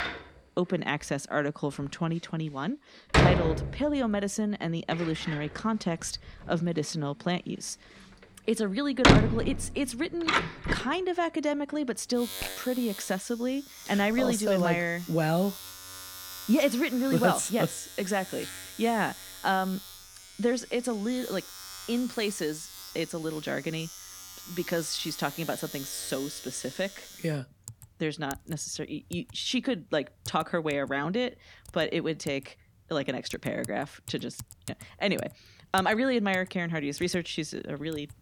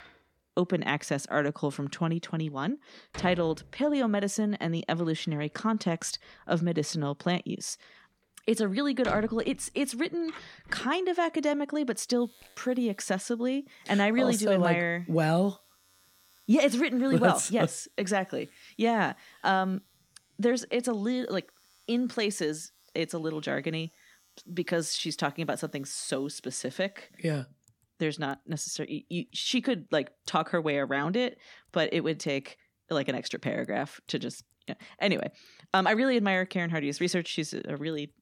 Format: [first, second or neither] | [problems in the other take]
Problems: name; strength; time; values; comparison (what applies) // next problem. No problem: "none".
second | household noises; loud; throughout; 3 dB below the speech; faint in the second